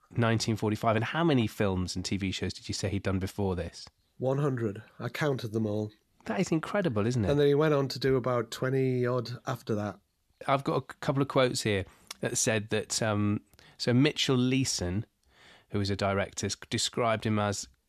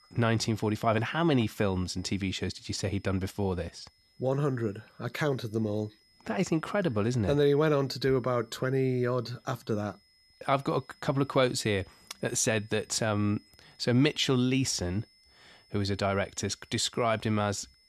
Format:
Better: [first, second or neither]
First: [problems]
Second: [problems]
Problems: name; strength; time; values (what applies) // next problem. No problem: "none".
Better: first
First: none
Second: high-pitched whine; faint; throughout; 5 kHz, 30 dB below the speech